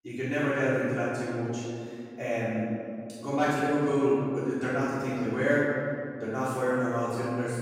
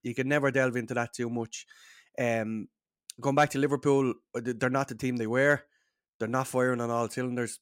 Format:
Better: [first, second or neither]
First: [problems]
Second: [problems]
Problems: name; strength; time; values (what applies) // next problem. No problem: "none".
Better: second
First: room echo; strong; dies away in 2.4 s // off-mic speech; far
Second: none